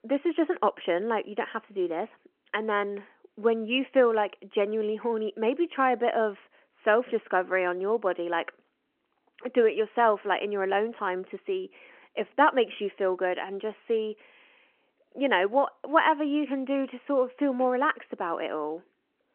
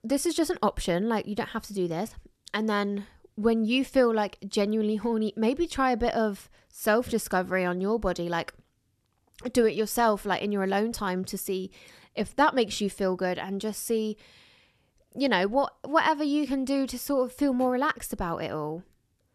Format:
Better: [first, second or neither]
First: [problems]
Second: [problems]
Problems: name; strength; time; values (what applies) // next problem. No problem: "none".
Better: second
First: phone-call audio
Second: none